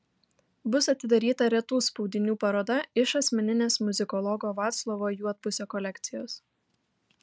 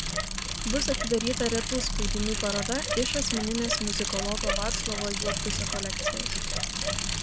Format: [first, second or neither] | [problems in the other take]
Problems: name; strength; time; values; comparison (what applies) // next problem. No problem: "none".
first | background sound (Bicycle); 3 dB above the speech